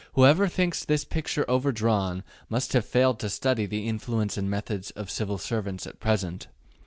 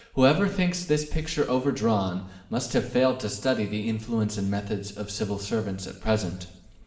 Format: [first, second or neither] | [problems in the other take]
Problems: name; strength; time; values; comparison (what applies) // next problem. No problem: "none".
first | room echo; dies away in 0.8 s